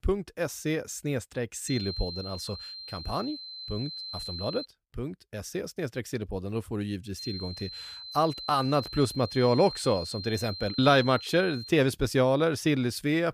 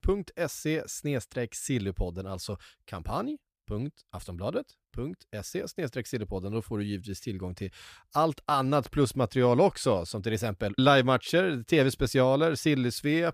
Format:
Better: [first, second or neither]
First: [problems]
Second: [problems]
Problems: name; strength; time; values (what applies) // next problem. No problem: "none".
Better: second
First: high-pitched whine; loud; from 1.5 to 4.5 s and from 7 to 12 s; 4 kHz, 9 dB below the speech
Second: none